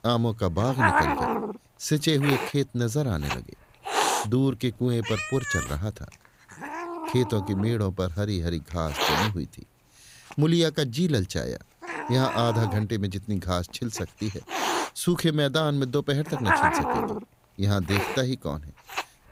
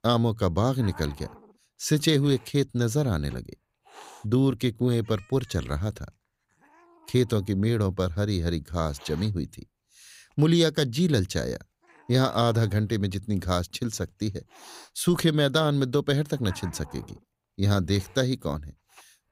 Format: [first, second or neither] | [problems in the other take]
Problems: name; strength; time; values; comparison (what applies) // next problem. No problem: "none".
second | hiss; loud; throughout; 2 dB below the speech; faint in the second